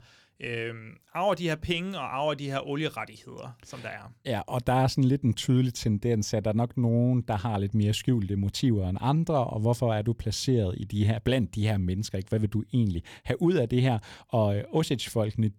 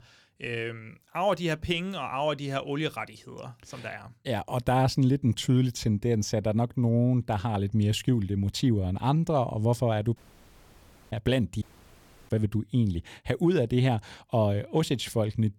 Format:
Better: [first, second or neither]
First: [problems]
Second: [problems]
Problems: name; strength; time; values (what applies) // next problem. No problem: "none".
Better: first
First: none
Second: audio cutting out; at 10 s for 1 s and at 12 s for 0.5 s